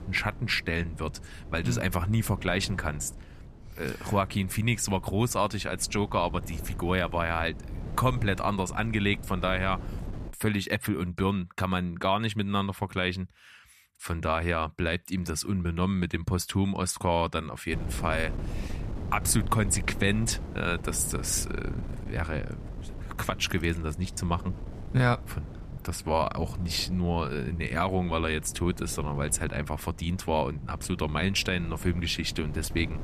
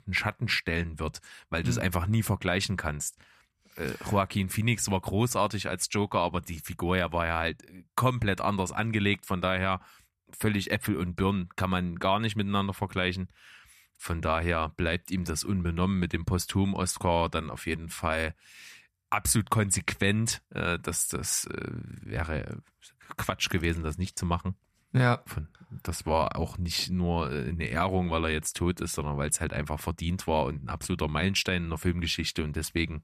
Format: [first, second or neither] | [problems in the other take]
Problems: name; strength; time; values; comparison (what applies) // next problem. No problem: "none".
second | wind noise on the microphone; occasional gusts; until 10 s and from 18 s on; 20 dB below the speech